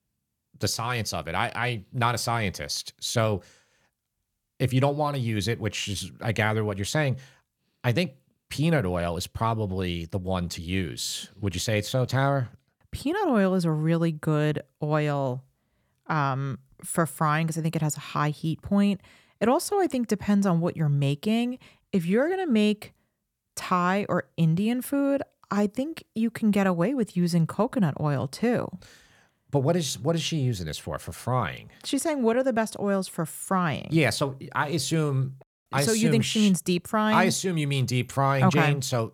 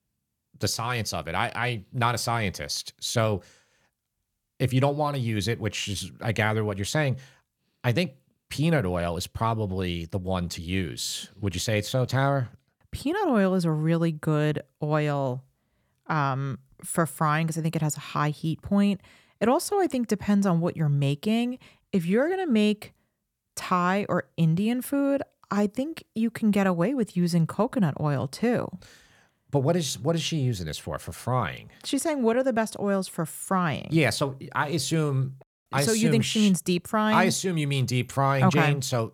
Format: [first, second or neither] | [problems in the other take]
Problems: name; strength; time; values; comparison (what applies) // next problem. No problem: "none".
neither | none